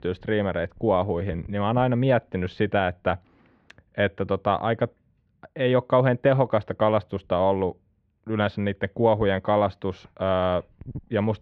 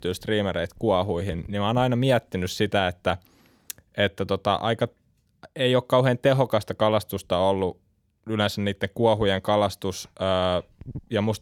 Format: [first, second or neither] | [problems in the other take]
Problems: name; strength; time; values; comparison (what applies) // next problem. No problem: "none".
second | muffled; very; fading above 2.5 kHz